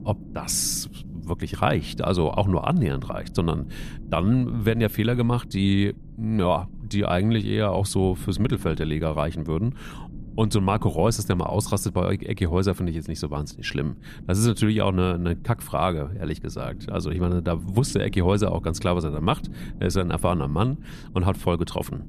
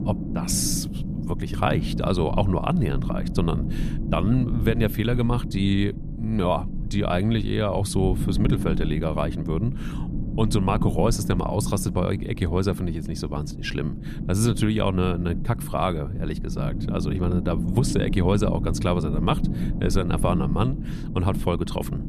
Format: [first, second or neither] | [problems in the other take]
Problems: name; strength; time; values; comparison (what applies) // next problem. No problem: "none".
first | low rumble; loud; throughout; 10 dB below the speech; faint in the first